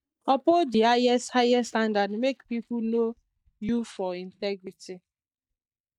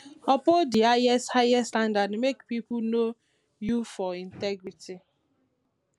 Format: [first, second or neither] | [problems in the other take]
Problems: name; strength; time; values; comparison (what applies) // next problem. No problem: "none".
second | noise reduction (neural mask model DeepFilterNet 3)